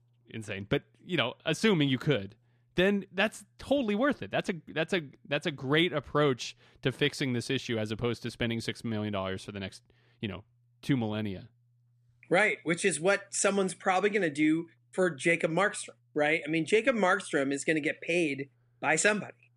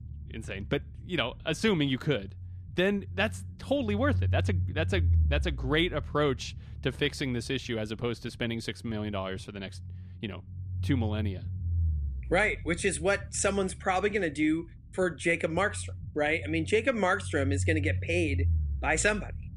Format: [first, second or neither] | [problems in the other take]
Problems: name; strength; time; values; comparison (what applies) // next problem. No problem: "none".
first | low rumble; faint; throughout; 20 dB below the speech